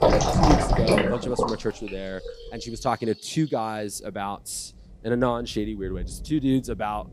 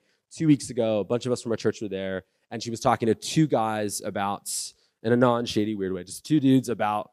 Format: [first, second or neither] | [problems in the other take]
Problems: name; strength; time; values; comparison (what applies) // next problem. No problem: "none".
second | rain or running water; very loud; throughout; 5 dB above the speech